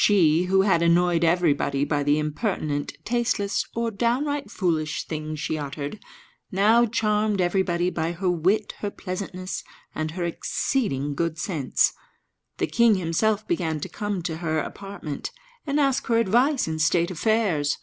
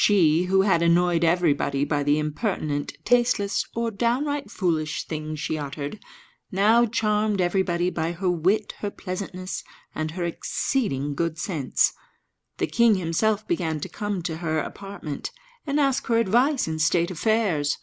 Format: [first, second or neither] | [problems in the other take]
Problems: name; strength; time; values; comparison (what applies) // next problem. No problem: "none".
first | background sound (Cowbell); 6 dB below the speech